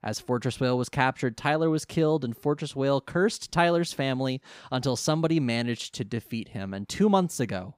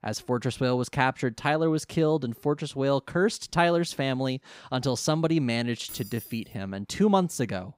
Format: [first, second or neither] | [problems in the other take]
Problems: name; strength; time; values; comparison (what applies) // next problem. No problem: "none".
first | jangling keys; faint; at 6 s; peak 15 dB below the speech